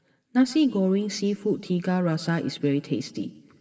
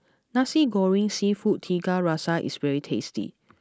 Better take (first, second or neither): second